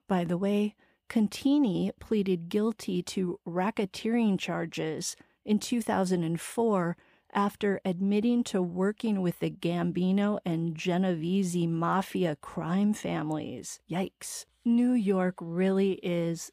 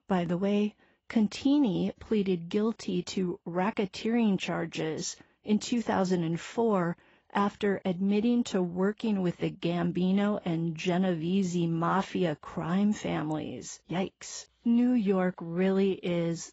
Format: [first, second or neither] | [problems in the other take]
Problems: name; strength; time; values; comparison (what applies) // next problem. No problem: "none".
first | garbled, watery; badly; nothing above 7.5 kHz